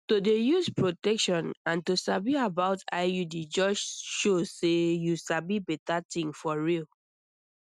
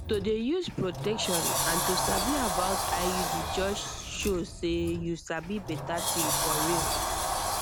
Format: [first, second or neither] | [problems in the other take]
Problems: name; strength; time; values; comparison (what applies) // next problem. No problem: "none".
first | background sound (Sliding door); 1 dB above the speech